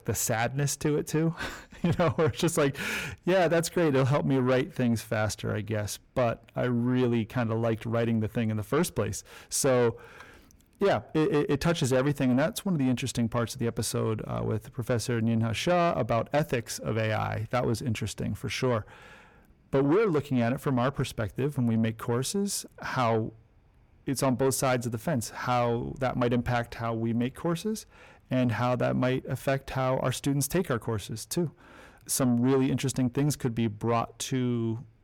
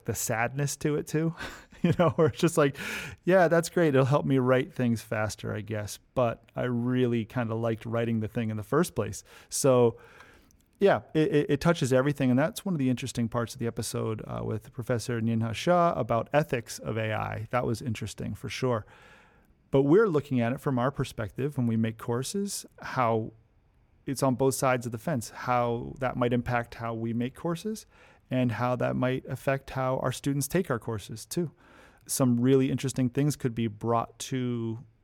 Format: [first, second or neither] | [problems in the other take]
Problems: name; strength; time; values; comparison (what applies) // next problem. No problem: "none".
second | distortion; slight; 10 dB below the speech